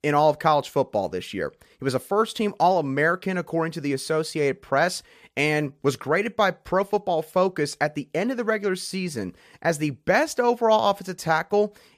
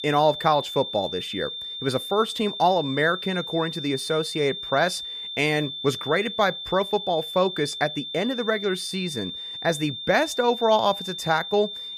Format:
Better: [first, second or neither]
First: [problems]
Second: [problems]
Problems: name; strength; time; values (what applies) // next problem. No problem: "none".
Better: first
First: none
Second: high-pitched whine; loud; throughout; 3.5 kHz, 7 dB below the speech